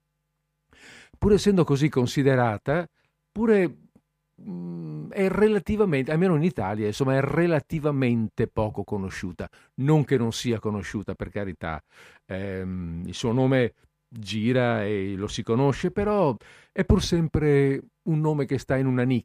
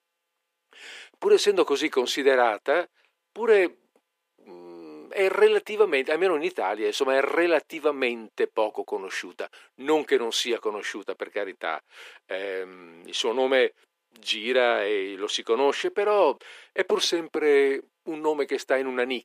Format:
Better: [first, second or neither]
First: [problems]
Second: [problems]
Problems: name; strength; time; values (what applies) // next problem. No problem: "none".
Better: first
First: none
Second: thin; very; fading below 350 Hz